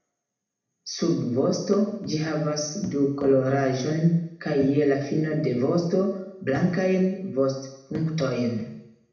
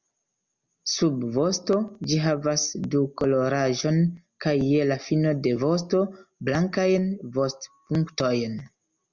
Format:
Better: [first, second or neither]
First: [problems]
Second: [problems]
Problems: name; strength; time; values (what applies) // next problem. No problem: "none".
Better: second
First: room echo; dies away in 0.8 s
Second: none